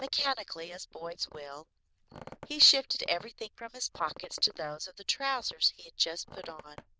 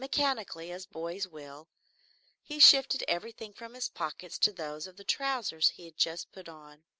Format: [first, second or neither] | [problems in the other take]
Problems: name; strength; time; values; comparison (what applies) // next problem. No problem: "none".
second | noise reduction (neural diffusion model UNIVERSE++)